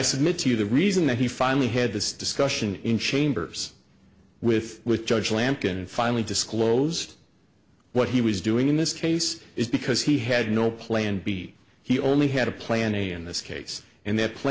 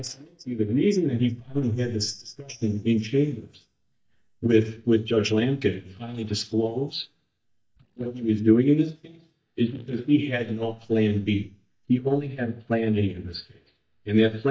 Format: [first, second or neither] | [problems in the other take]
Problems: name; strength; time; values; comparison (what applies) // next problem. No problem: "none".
first | noise reduction (neural mask model DeepFilterNet 3)